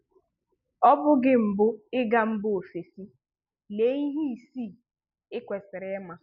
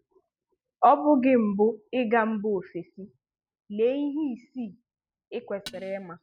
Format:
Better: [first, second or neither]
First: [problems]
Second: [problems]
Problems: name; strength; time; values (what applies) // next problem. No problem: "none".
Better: first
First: none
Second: noise reduction (neural mask model RNNoise)